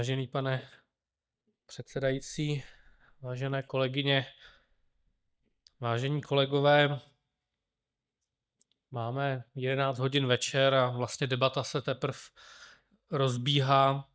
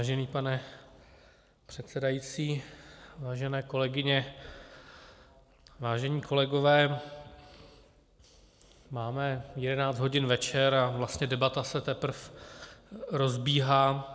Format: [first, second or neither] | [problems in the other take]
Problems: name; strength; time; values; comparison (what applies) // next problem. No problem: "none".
second | noise reduction (neural mask model DeepFilterNet 3)